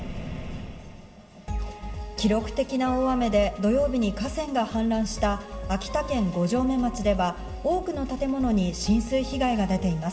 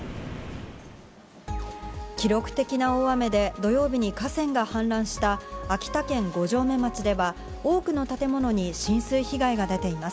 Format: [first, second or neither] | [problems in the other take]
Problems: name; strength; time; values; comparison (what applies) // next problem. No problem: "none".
second | room echo; dies away in 2.6 s